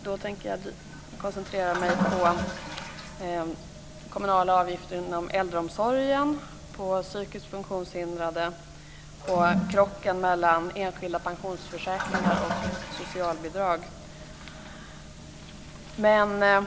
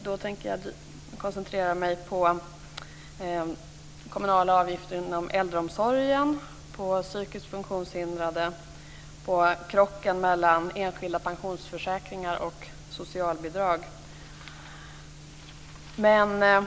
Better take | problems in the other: second | background sound (Toilet flush); 8 dB below the speech

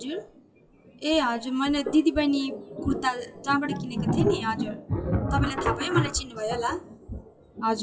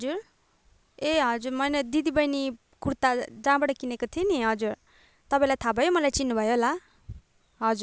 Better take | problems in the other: second | noise reduction (classical method WPE with log-MMSE)

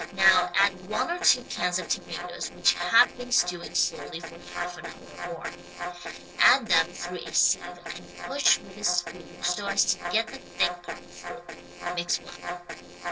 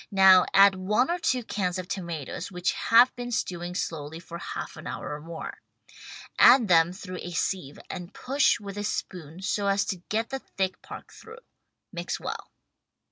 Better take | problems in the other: second | noise reduction (neural separator model SepFormer DNS4)

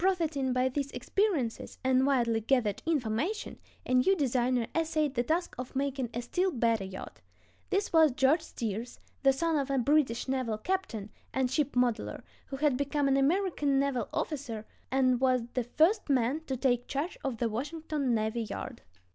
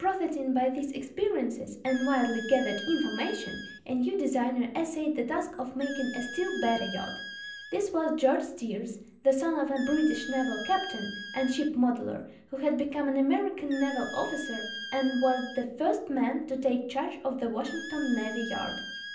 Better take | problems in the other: first | background sound (Squeak); 13 dB below the speech // room echo; dies away in 0.6 s

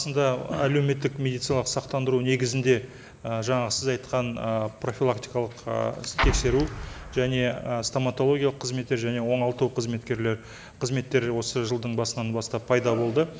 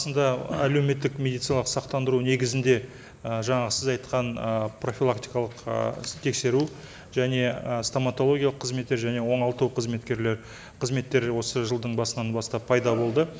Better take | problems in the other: second | background sound (Explosion); 3 dB below the speech

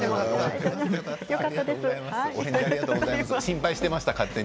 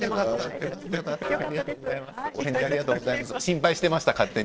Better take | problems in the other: first | noise reduction (neural separator model SepFormer DNS4)

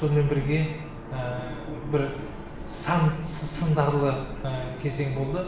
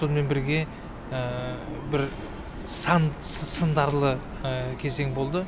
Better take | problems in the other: second | room echo; dies away in 0.9 s

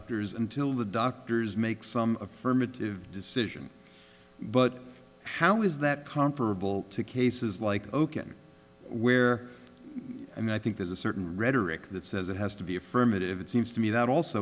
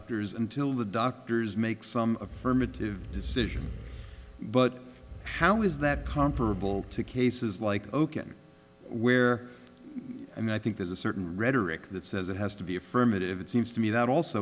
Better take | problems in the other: first | background sound (Animal); 10 dB below the speech

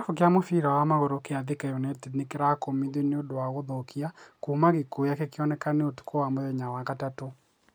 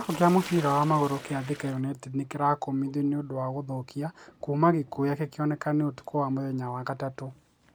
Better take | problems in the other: first | background sound (Sink (filling or washing)); 20 dB below the speech

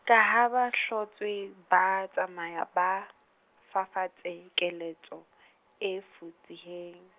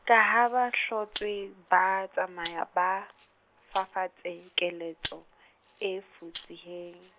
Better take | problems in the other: first | background sound (Rattle (instrument)); 19 dB below the speech

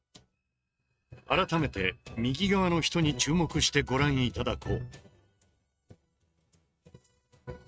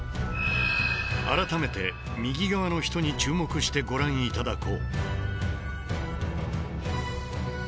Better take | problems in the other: second | noise reduction (neural mask model RNNoise)

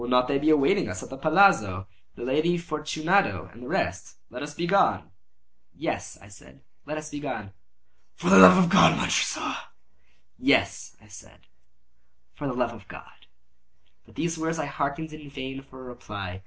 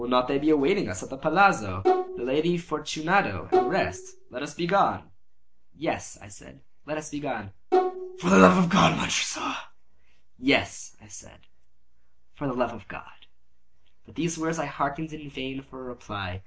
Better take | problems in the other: first | background sound (Bowed string instrument); 1 dB below the speech

